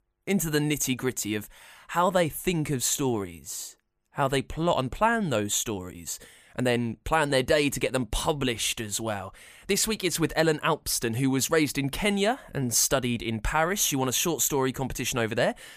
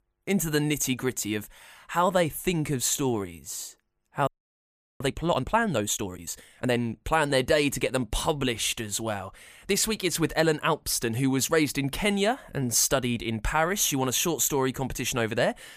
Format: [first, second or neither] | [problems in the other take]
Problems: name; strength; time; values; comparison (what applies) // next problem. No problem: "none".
first | audio freezing; at 4.5 s for 0.5 s